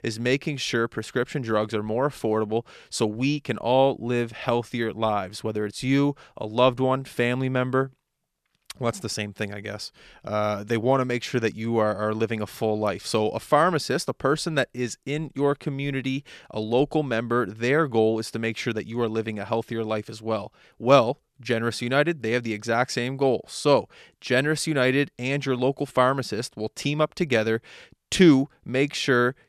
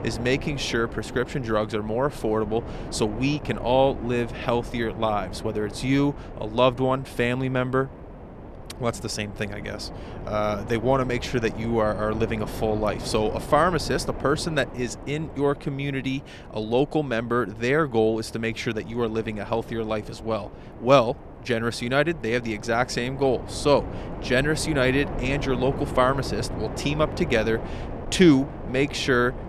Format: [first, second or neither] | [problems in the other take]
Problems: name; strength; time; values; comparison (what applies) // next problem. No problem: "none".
first | wind noise on the microphone; occasional gusts; 15 dB below the speech